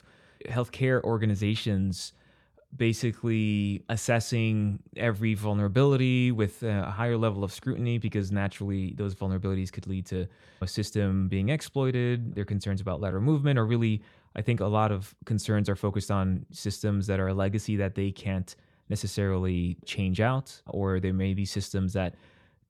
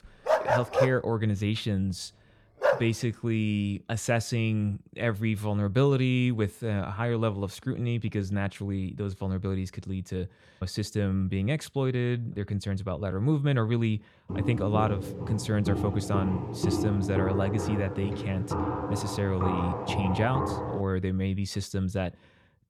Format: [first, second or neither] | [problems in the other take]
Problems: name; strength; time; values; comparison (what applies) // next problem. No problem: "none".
first | dog barking; loud; until 3 s; peak 4 dB above the speech // footsteps; loud; from 14 to 21 s; peak 1 dB above the speech